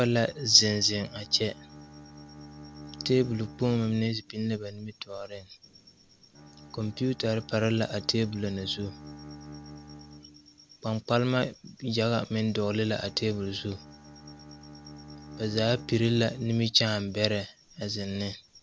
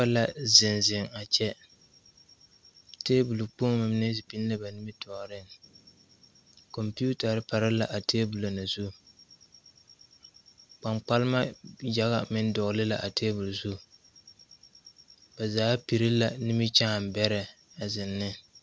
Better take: second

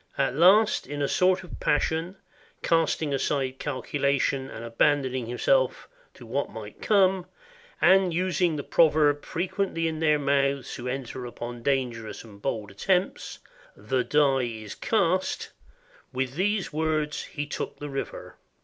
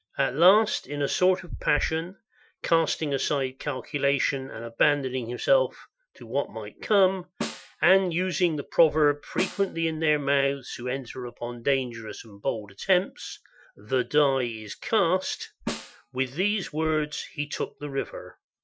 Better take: first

